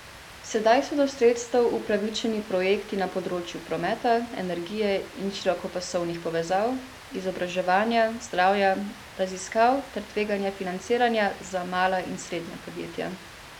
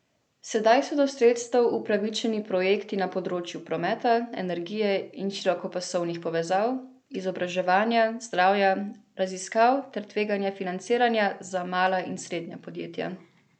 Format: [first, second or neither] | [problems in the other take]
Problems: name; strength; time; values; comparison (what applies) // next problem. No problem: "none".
second | background sound (Rain); 18 dB below the speech